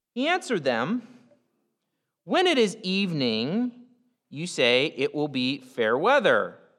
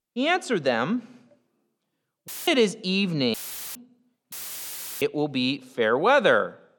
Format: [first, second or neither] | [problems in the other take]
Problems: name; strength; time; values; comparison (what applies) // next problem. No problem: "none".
first | audio cutting out; filled with static; at 2.5 s, at 3.5 s and at 4.5 s for 0.5 s